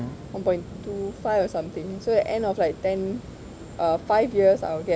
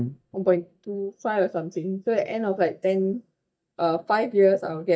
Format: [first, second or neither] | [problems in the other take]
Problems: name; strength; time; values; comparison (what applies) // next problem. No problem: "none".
first | noise reduction (neural mask model DeepFilterNet 3)